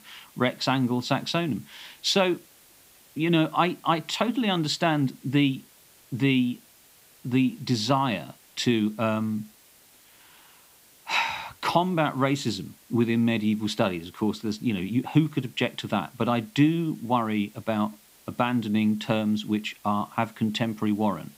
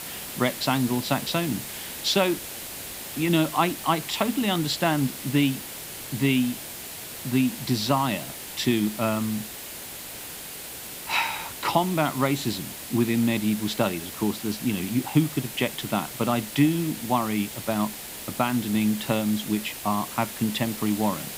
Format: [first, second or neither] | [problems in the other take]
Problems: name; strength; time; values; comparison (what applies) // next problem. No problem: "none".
first | hiss; loud; throughout; 9 dB below the speech; faint in the first